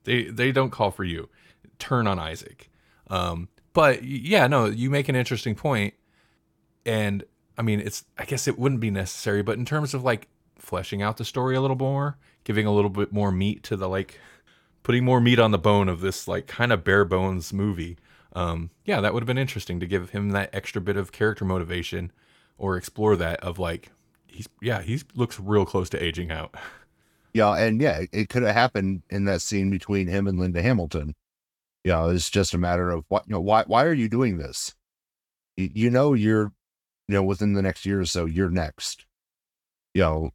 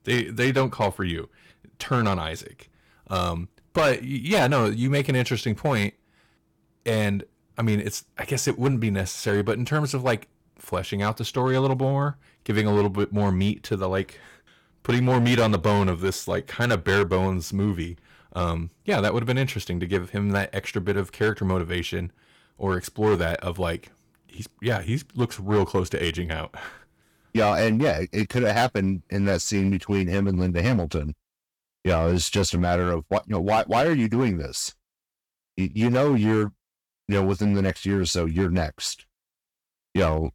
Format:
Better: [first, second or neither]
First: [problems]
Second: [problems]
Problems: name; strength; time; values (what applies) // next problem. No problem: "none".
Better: first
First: none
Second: distortion; slight; 5% of the sound clipped